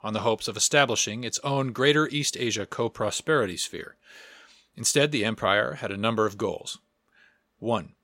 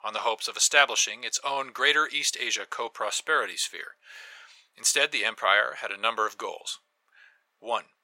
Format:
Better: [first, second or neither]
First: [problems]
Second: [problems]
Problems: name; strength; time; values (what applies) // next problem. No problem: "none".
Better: first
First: none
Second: thin; very; fading below 850 Hz